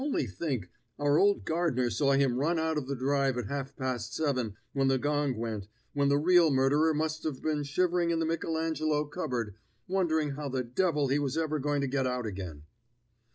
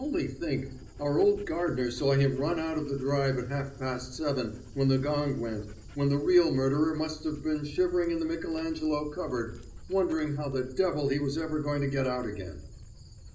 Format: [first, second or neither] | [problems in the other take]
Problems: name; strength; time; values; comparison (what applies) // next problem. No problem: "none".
first | background sound (Dog); 17 dB below the speech // room echo; dies away in 0.5 s